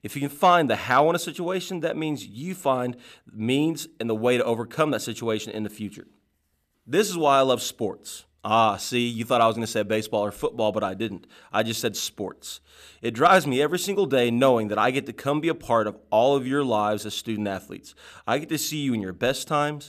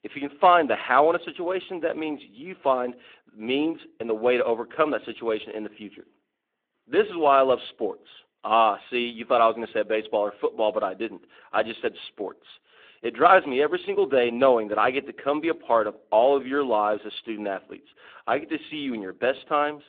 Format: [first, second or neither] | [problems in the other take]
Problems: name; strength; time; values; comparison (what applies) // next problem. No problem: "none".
first | phone-call audio